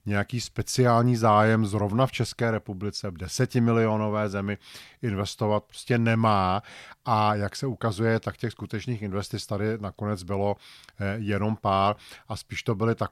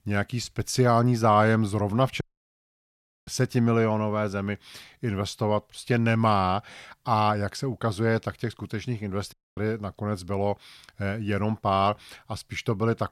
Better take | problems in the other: first | audio cutting out; at 2 s for 1 s and at 9.5 s

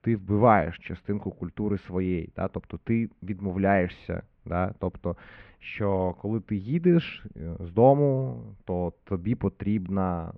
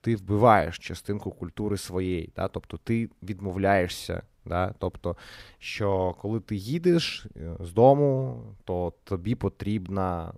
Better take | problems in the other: second | muffled; very; fading above 2.5 kHz

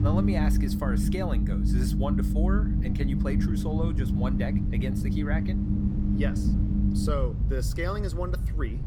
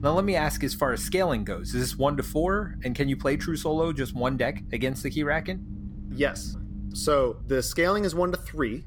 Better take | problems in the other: second | low rumble; loud; throughout; 1 dB below the speech; faint in the second

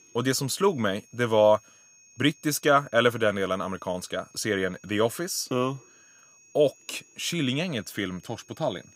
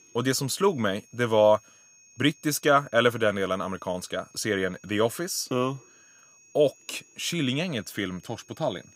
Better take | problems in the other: neither | high-pitched whine; faint; throughout; 6.5 kHz, 30 dB below the speech; the same in both

